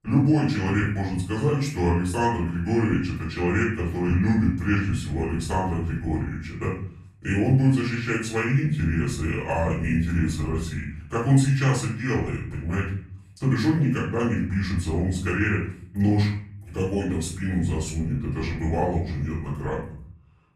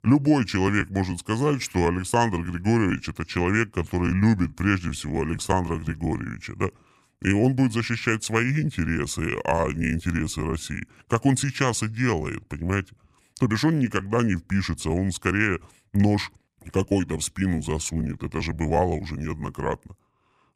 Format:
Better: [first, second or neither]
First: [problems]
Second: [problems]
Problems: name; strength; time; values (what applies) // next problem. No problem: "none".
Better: second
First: off-mic speech; far // room echo; noticeable; dies away in 0.7 s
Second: none